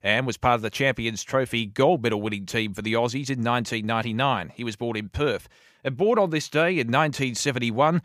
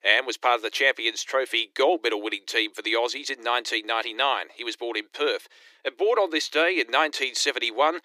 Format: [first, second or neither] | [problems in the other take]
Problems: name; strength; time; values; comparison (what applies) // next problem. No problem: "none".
first | thin; very; fading below 300 Hz